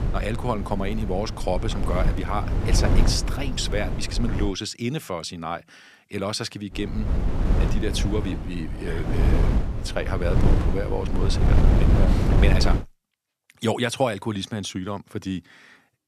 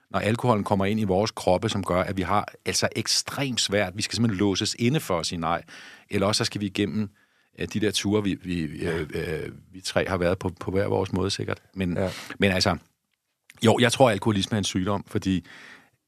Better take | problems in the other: second | wind noise on the microphone; heavy; until 4.5 s and from 6.5 to 13 s; 4 dB below the speech

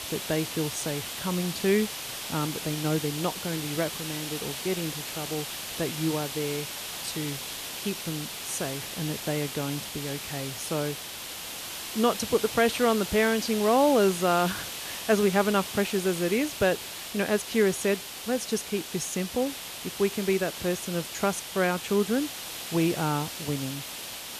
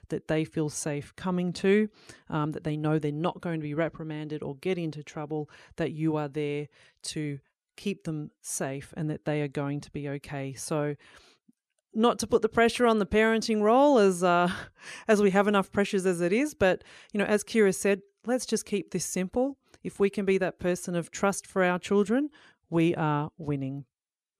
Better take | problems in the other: second | hiss; loud; throughout; 6 dB below the speech

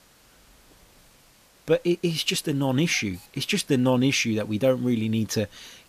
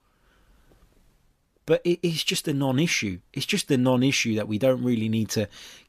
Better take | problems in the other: second | hiss; faint; throughout; 30 dB below the speech

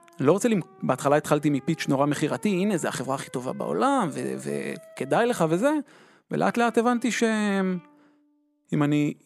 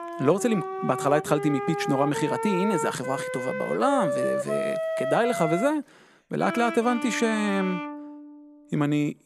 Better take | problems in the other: first | background music; loud; throughout; 4 dB below the speech; faint in the first

